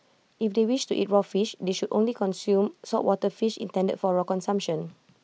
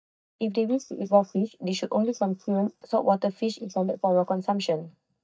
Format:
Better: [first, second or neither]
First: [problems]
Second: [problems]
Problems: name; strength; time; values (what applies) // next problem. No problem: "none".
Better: first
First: none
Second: noise reduction (neural mask model DeepFilterNet 3)